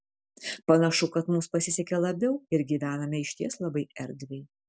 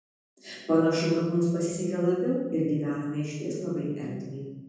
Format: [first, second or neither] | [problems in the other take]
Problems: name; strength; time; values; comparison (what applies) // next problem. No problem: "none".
first | room echo; dies away in 1.3 s